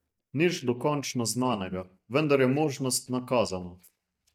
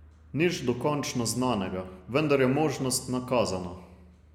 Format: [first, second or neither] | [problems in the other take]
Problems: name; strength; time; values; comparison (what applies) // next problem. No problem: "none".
second | noise reduction (neural mask model DeepFilterNet 3)